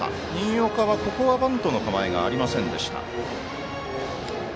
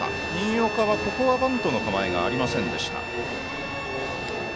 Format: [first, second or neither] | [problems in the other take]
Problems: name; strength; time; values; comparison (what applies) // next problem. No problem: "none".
first | background sound (Bowed string instrument); 8 dB below the speech